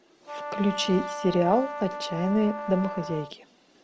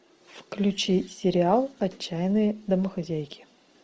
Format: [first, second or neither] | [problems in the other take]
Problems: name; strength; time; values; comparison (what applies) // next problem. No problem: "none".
second | background sound (Brass instrument); 9 dB below the speech